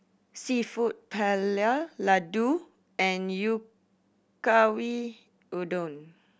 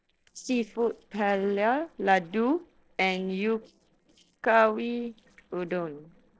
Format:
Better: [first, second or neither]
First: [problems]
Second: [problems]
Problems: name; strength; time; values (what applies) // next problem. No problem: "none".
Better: first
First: none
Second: noise reduction (neural separator model SepFormer DNS4)